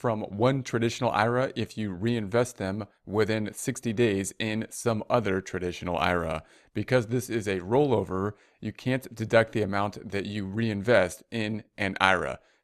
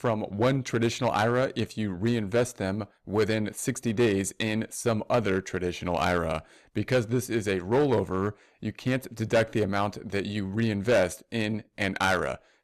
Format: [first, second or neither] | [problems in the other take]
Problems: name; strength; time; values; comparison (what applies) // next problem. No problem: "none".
first | distortion; slight; 3% of the sound clipped